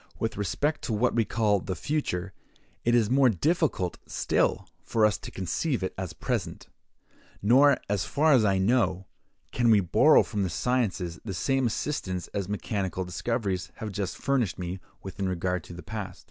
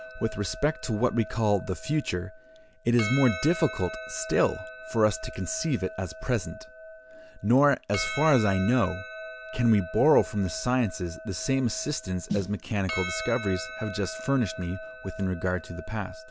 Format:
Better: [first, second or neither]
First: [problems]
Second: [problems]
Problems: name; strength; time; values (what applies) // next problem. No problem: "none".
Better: first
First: none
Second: background sound (Percussion + Snare drum); 12 dB below the speech